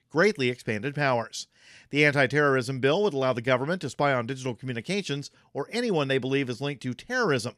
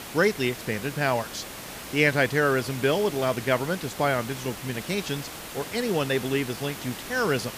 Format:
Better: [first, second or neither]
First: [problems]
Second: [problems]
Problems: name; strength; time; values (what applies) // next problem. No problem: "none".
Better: first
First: none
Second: hiss; noticeable; throughout; 10 dB below the speech